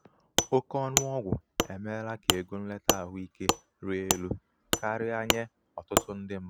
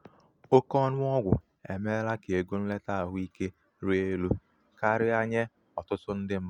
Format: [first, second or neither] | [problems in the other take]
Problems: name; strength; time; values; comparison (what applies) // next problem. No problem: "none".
second | background sound (Wood); 2 dB above the speech